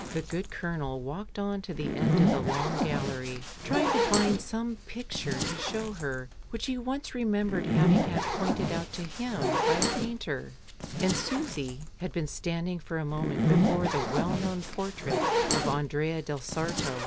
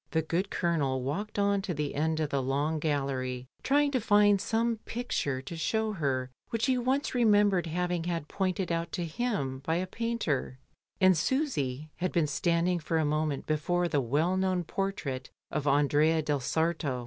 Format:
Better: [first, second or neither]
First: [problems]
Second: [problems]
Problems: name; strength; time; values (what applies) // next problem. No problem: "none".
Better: second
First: background sound (Zipper (clothing)); 2 dB above the speech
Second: none